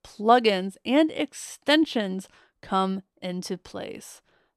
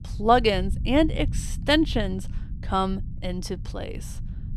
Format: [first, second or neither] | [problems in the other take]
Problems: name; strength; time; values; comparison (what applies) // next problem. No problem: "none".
first | low rumble; faint; throughout; 25 dB below the speech